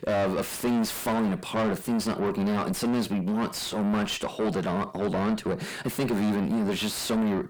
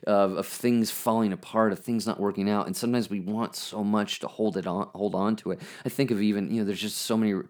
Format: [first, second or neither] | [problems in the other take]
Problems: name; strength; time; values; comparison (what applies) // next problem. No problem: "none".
second | distortion; heavy; 5 dB below the speech